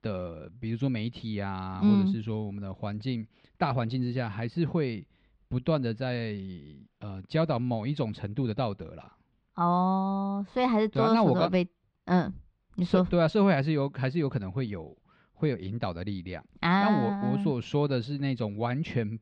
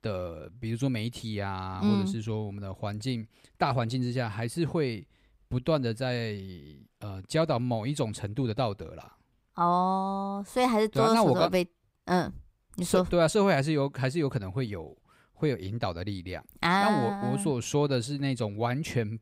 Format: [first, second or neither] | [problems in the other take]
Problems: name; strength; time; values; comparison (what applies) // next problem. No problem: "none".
second | muffled; very slightly; fading above 4 kHz